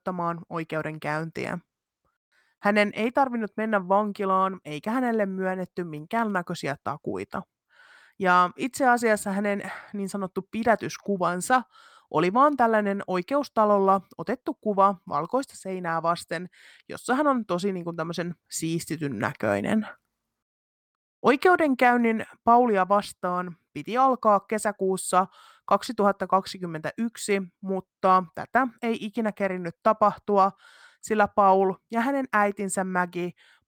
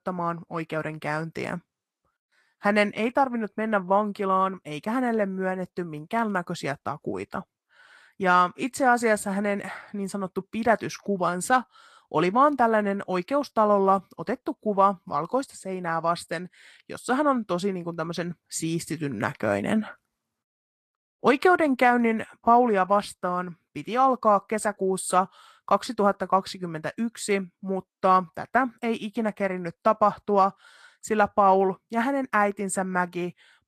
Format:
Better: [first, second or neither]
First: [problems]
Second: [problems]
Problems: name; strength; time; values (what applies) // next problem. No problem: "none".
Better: first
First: none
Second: garbled, watery; slightly; nothing above 13 kHz